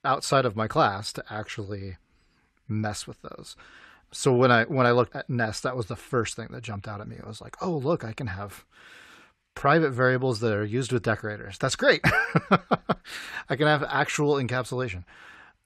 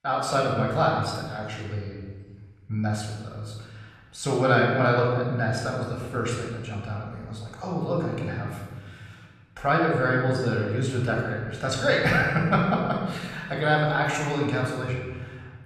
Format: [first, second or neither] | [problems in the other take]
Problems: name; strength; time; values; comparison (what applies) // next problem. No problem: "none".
first | off-mic speech; somewhat distant // room echo; noticeable; dies away in 1.4 s